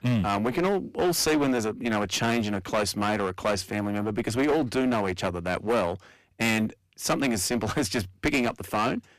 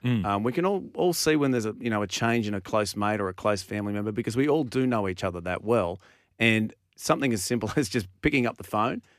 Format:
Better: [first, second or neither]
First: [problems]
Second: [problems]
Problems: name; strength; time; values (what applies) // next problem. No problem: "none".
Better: second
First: distortion; heavy; 15% of the sound clipped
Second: none